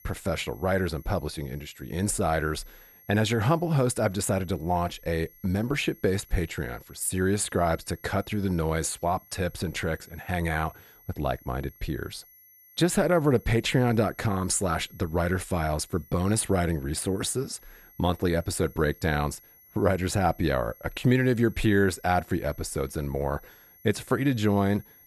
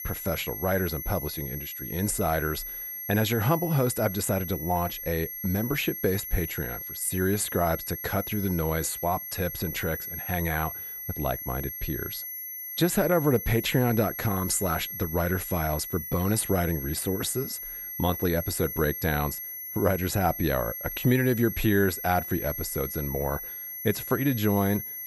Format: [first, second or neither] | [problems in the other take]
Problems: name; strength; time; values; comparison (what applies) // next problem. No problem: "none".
first | high-pitched whine; loud; throughout; 11.5 kHz, 6 dB below the speech; faint in the first